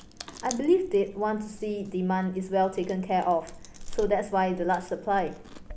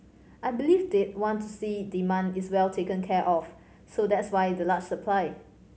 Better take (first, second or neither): second